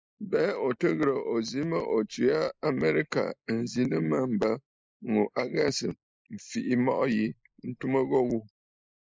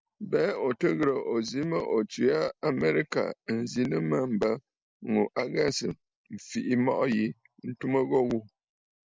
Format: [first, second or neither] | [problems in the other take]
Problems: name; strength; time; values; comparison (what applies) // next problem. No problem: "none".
second | noise reduction (neural mask model Resemble Enhance denoiser)